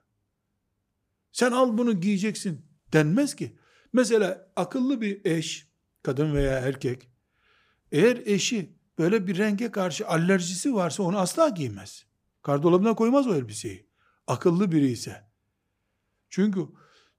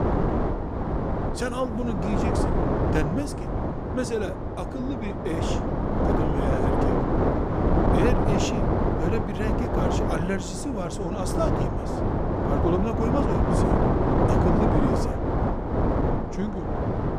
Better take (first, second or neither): first